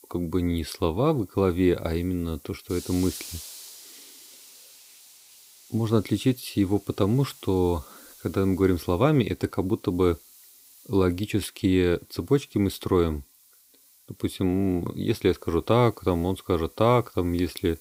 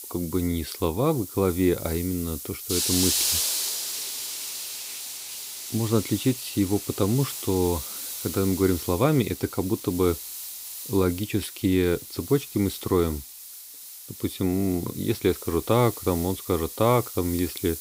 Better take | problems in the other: first | hiss; loud; throughout; 5 dB below the speech; faint in the first

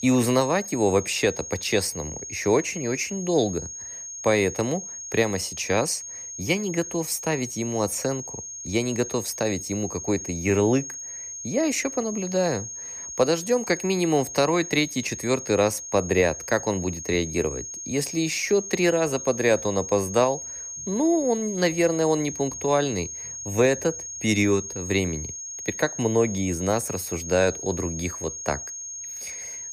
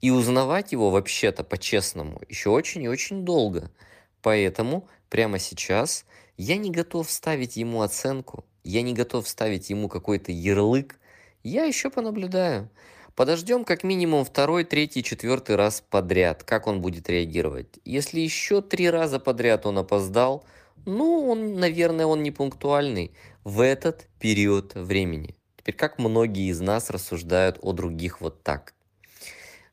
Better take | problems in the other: second | high-pitched whine; loud; throughout; 6.5 kHz, 8 dB below the speech

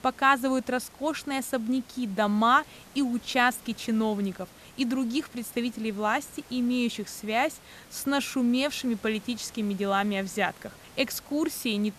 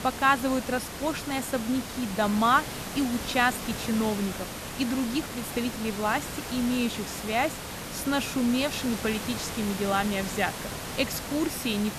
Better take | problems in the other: first | hiss; loud; throughout; 7 dB below the speech; faint in the first

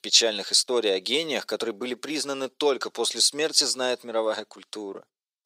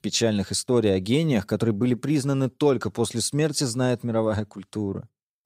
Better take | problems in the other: second | thin; very; fading below 400 Hz

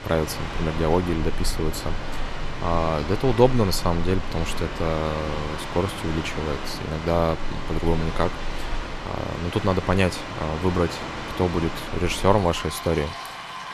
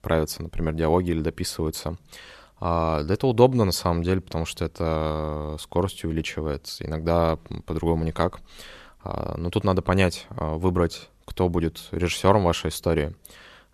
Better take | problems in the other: second | rain or running water; loud; throughout; 7 dB below the speech

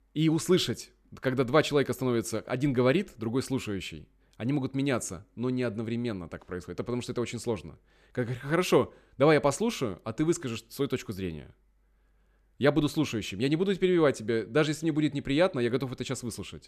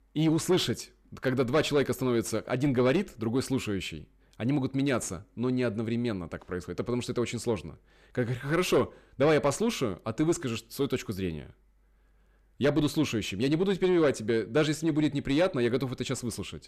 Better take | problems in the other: first | distortion; slight; 10 dB below the speech

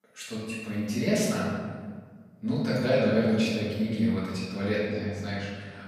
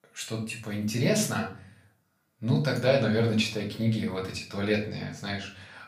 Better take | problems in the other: second | room echo; strong; dies away in 1.6 s; slight in the second // off-mic speech; far; far in the second

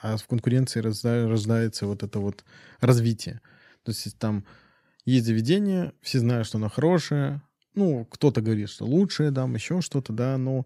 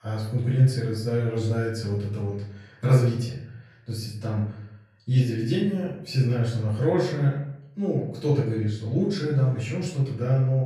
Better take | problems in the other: first | off-mic speech; far // room echo; noticeable; dies away in 0.7 s

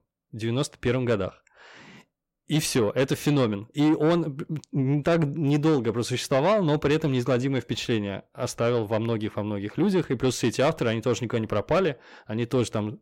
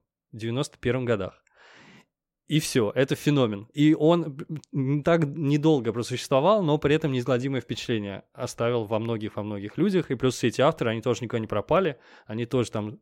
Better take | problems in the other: second | distortion; slight; 10 dB below the speech

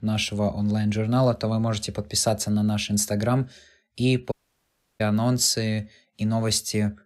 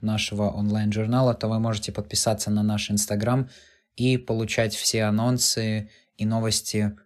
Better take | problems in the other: second | audio cutting out; at 4.5 s for 0.5 s

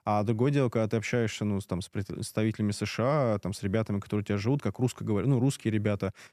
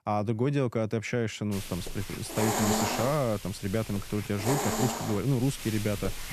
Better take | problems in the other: first | hiss; loud; from 1.5 s on; 3 dB below the speech

